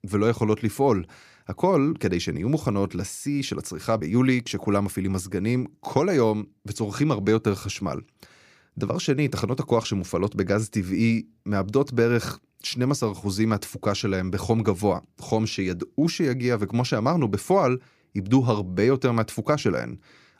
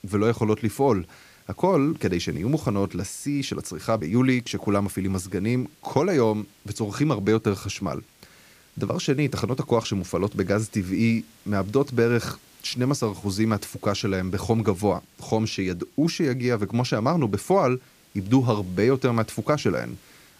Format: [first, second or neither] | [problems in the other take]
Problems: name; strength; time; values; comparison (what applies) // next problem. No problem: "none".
first | hiss; faint; throughout; 30 dB below the speech